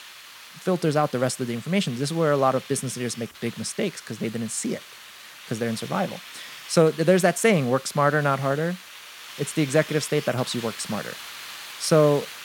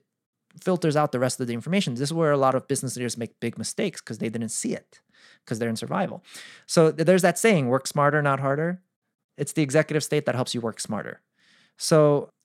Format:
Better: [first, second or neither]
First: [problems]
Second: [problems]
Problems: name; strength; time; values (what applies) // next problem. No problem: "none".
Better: second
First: hiss; noticeable; throughout; 15 dB below the speech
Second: none